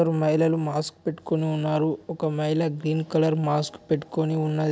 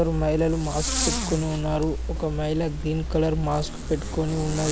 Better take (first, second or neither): first